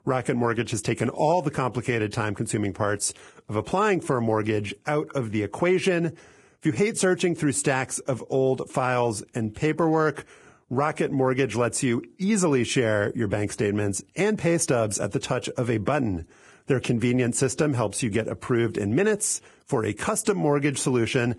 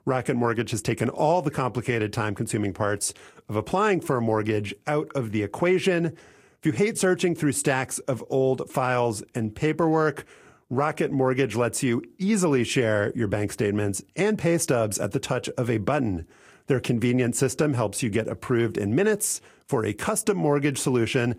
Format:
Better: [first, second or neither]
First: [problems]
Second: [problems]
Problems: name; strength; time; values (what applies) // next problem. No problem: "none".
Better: second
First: garbled, watery; badly; nothing above 10.5 kHz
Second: garbled, watery; slightly; nothing above 14.5 kHz